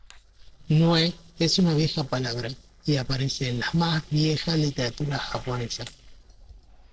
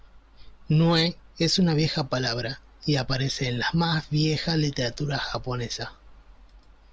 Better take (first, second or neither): second